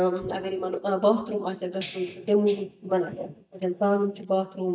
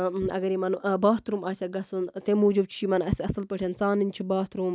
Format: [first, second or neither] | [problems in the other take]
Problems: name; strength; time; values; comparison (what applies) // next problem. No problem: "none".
second | noise reduction (neural mask model DeepFilterNet 3)